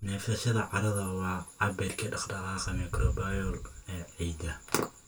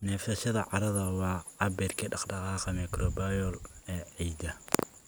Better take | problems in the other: second | room echo; dies away in 0.2 s

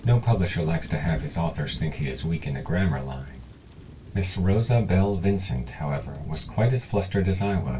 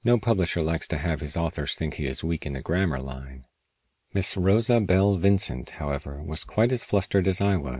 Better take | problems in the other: second | background sound (Thunder / Rain); 15 dB below the speech // room echo; dies away in 0.2 s

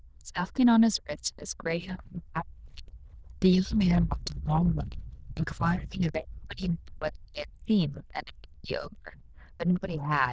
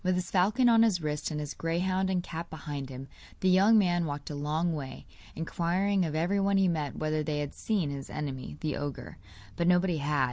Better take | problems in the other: second | noise reduction (neural diffusion model UNIVERSE++)

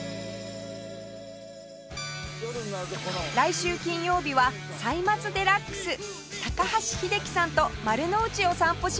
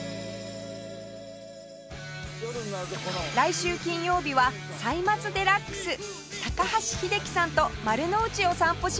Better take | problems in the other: second | background sound (Guitar); 15 dB below the speech

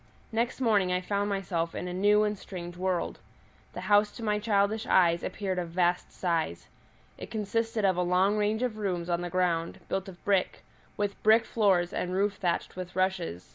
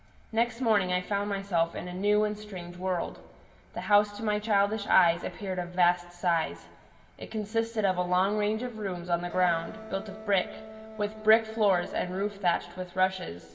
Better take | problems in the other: first | background sound (Wind instrument, woodwind instrument); 15 dB below the speech // room echo; dies away in 1.5 s

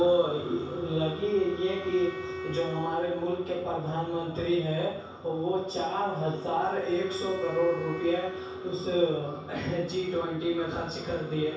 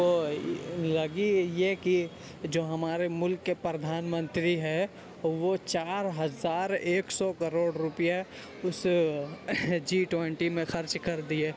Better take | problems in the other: second | background sound (Wind instrument, woodwind instrument); 11 dB below the speech // room echo; dies away in 0.7 s

